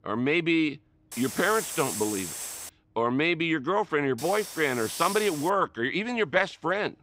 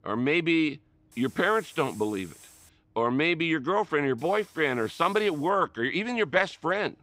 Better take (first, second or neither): second